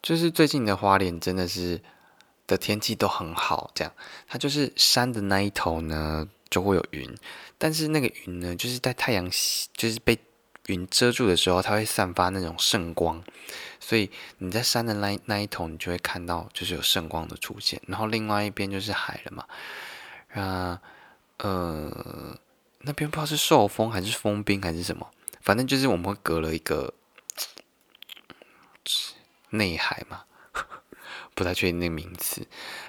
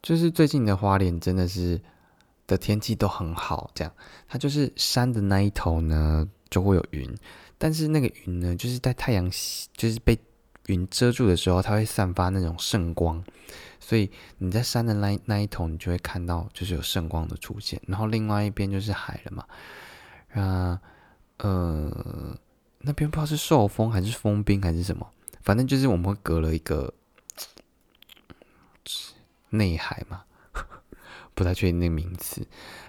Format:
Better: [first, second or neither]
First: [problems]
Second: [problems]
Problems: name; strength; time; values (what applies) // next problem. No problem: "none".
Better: second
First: thin; somewhat; fading below 950 Hz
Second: none